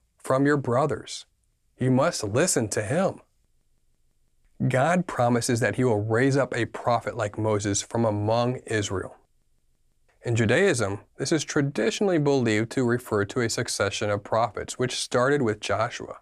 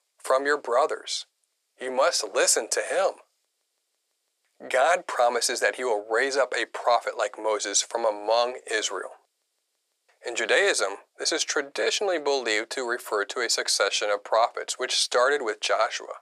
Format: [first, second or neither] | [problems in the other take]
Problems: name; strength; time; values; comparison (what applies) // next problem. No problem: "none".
first | thin; very; fading below 450 Hz